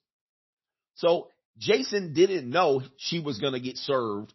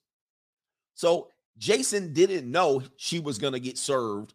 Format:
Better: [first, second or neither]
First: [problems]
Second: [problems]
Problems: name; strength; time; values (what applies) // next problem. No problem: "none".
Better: second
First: garbled, watery; slightly; nothing above 5.5 kHz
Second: none